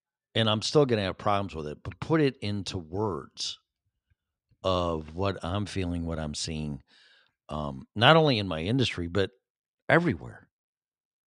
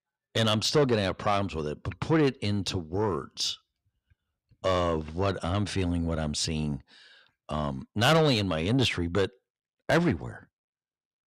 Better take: first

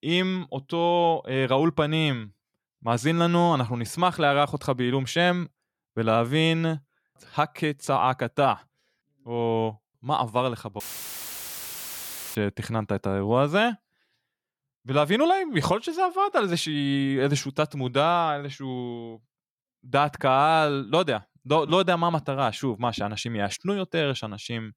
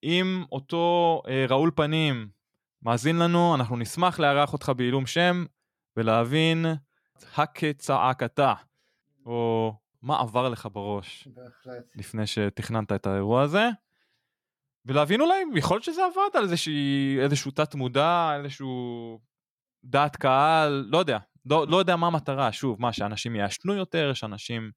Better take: second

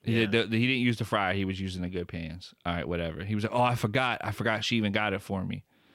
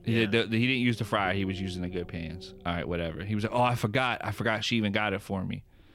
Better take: first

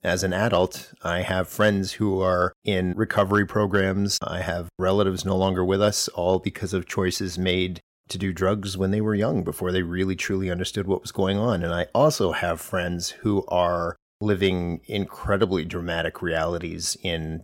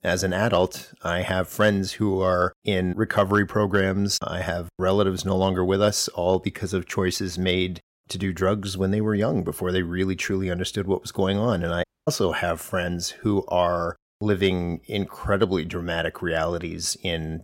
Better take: first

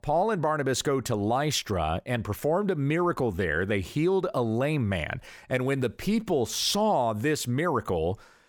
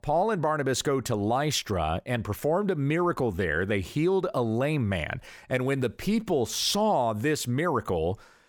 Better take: neither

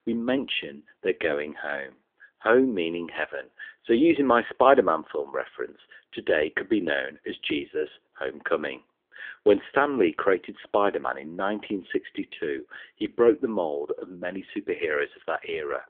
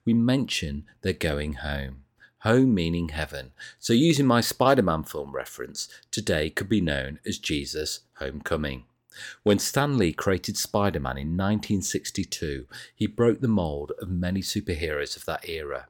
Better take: second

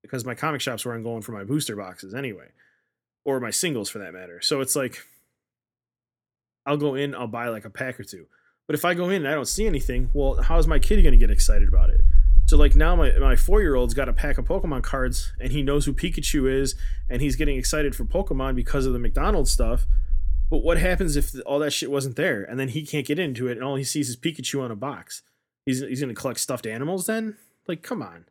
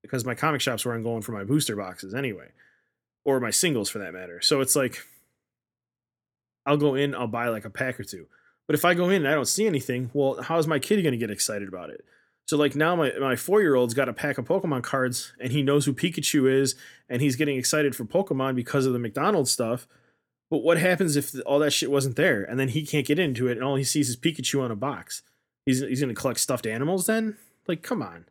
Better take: second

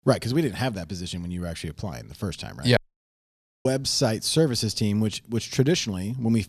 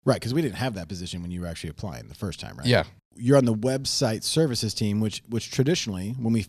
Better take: second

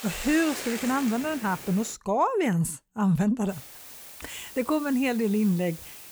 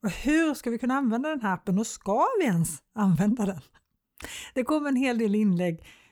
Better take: second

